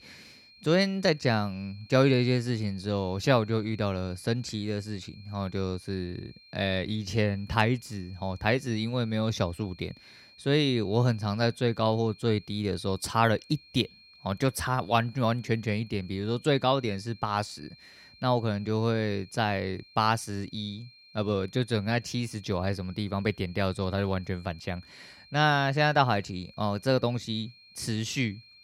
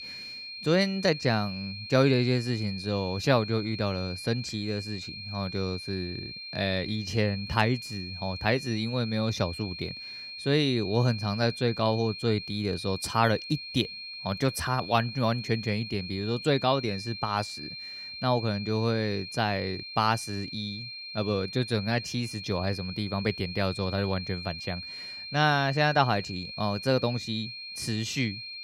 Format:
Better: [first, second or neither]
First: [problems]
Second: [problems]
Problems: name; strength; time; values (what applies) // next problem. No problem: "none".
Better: first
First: high-pitched whine; faint; throughout; 4 kHz, 25 dB below the speech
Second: high-pitched whine; loud; throughout; 4 kHz, 9 dB below the speech